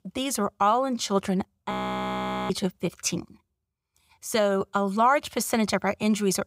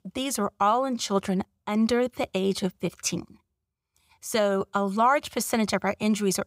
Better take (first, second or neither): second